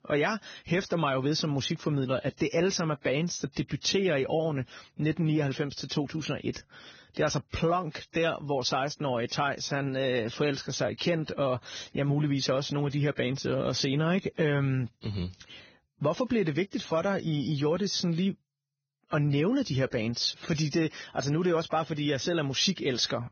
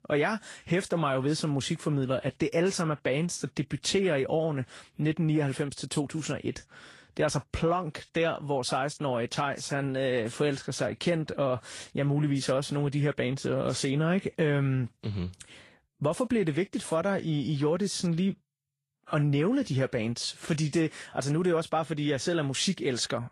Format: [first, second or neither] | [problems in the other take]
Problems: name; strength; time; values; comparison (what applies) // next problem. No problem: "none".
second | garbled, watery; badly; nothing above 6.5 kHz; slightly in the second